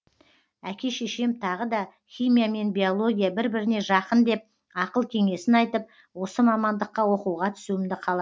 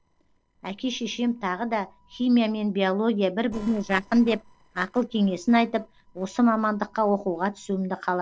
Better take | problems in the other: first | noise reduction (neural separator model SepFormer DNS4)

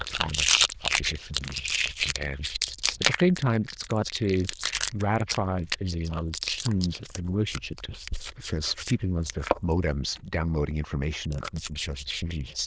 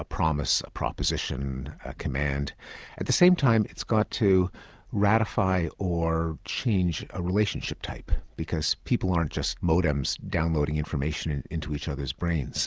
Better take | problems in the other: second | noise reduction (neural diffusion model UNIVERSE++)

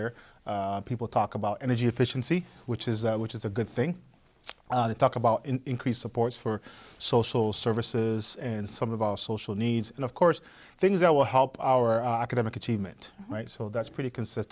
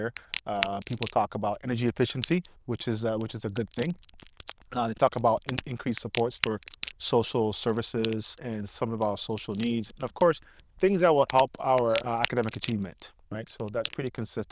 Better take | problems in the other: first | noise reduction (neural diffusion model UNIVERSE++)

